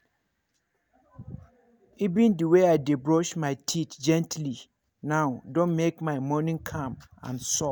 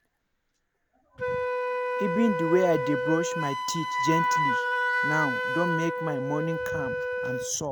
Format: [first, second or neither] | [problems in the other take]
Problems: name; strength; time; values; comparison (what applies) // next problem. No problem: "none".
first | background sound (Wind instrument, woodwind instrument); 1 dB above the speech